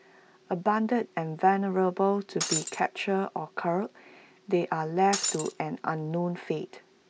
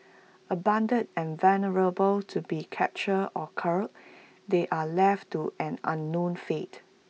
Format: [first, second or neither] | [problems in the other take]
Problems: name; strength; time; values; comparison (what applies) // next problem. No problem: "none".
second | background sound (Shatter); 3 dB below the speech